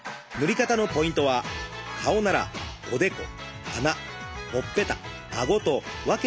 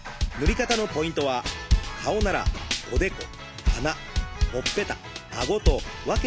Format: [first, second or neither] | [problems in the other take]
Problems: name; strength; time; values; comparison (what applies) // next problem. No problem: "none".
first | background sound (Drum kit); 1 dB above the speech